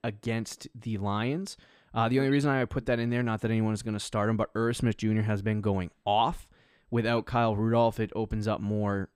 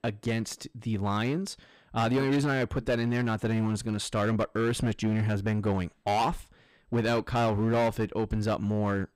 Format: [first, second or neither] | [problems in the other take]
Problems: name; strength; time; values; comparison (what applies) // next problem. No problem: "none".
first | distortion; slight; 11% of the sound clipped